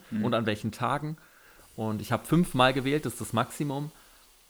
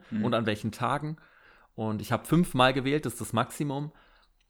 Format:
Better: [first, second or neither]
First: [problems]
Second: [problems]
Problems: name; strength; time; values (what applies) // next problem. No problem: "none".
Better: second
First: hiss; faint; throughout; 25 dB below the speech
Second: none